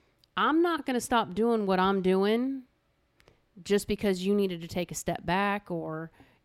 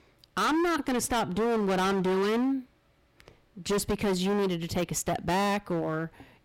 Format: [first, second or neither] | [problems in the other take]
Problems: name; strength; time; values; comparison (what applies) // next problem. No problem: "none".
first | distortion; heavy; 23% of the sound clipped